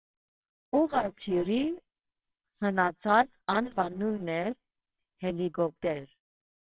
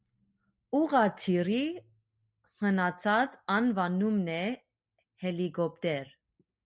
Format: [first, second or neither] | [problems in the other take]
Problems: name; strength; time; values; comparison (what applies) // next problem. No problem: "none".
second | noise reduction (neural separator model SepFormer WHAMR!)